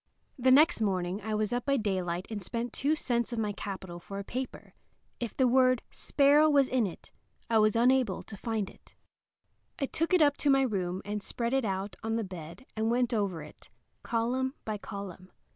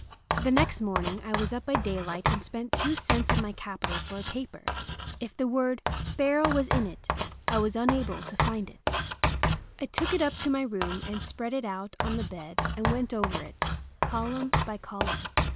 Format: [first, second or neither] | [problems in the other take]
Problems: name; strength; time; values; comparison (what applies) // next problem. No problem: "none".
first | background sound (Writing); as loud as the speech